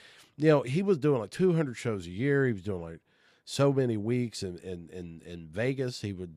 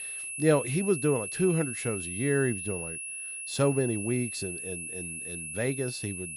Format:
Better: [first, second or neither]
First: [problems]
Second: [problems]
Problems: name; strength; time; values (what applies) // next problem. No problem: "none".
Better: first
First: none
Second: high-pitched whine; loud; throughout; 10.5 kHz, 6 dB below the speech